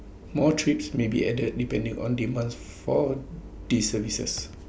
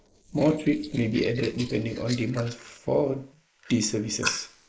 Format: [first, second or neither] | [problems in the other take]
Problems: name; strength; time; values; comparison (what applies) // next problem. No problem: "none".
first | noise reduction (neural mask model Resemble Enhance denoiser)